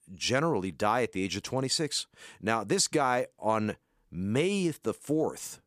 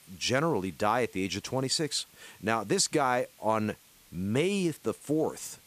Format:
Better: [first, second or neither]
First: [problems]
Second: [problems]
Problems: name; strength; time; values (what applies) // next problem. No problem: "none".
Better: first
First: none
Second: hiss; faint; throughout; 25 dB below the speech